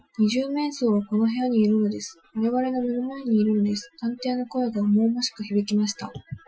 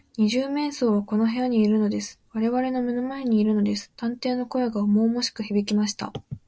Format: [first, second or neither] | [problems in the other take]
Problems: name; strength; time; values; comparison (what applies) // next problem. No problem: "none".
second | noise reduction (classical method Wiener filter)